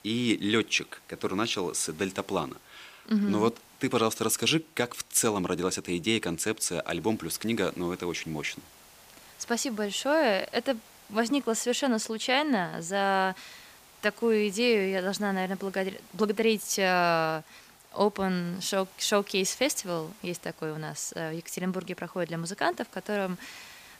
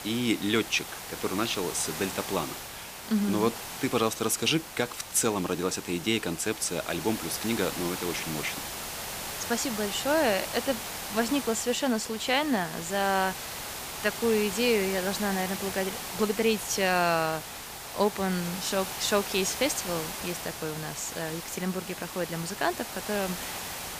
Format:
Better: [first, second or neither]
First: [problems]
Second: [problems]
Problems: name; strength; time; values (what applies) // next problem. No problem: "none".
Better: first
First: hiss; faint; throughout; 25 dB below the speech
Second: hiss; loud; throughout; 7 dB below the speech